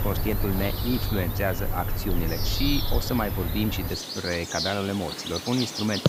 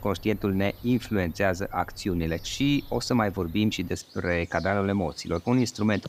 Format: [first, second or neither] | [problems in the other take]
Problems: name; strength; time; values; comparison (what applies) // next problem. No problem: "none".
second | animal sounds; loud; throughout; 1 dB below the speech; faint in the second